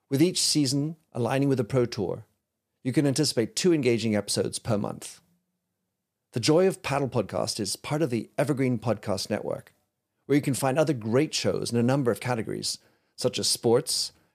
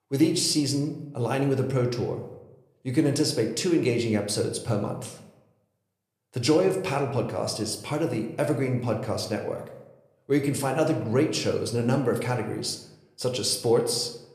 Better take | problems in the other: first | room echo; slight; dies away in 0.7 s

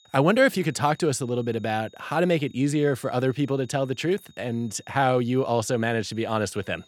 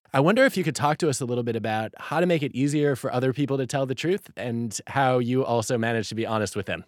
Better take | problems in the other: second | high-pitched whine; faint; throughout; 3.5 kHz, 30 dB below the speech

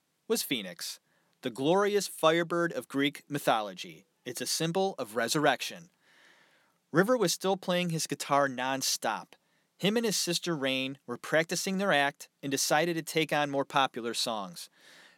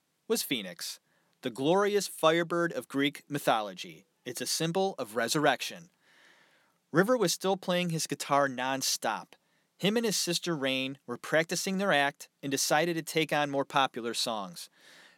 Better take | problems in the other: neither | none

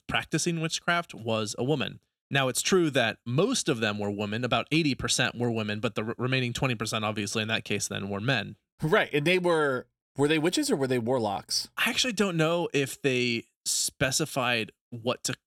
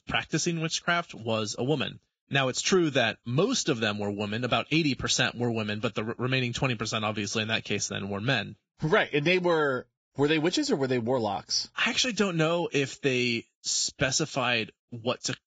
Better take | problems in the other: first | garbled, watery; badly; nothing above 7.5 kHz

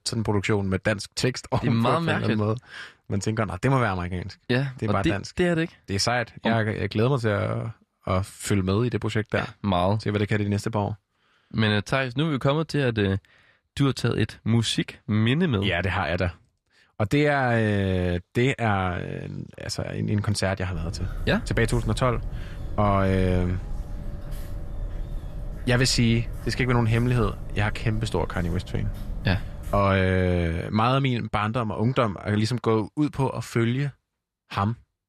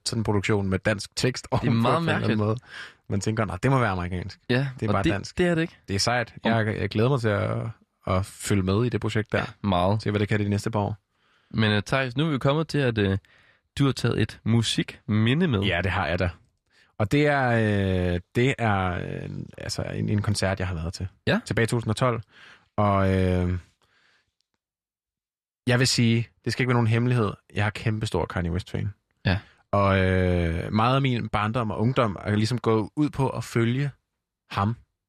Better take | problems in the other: second | footsteps; noticeable; from 21 to 30 s; peak 9 dB below the speech

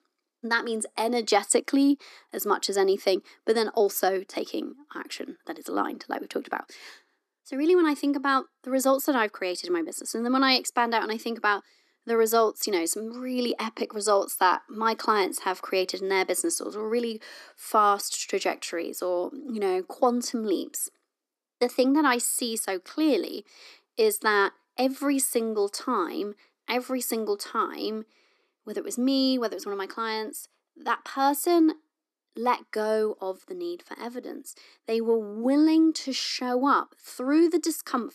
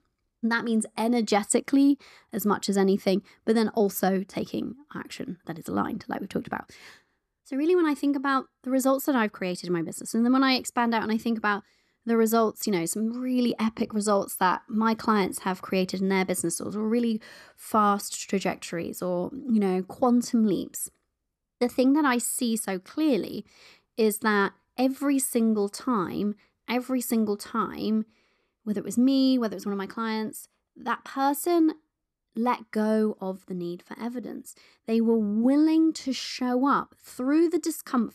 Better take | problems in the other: second | thin; very slightly; fading below 300 Hz

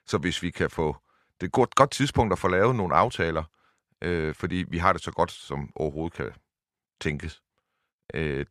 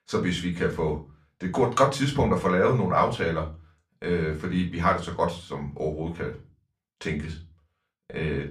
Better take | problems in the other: first | off-mic speech; far // room echo; very slight; dies away in 0.3 s

